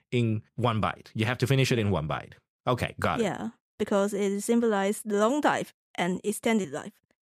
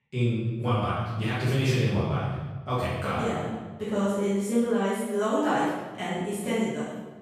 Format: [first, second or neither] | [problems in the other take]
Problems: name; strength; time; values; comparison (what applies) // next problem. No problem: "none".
first | off-mic speech; far // room echo; strong; dies away in 1.2 s